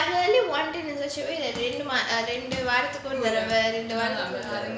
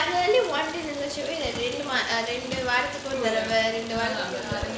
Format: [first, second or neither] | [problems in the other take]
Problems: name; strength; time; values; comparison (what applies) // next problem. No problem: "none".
first | background sound (Stream); 12 dB below the speech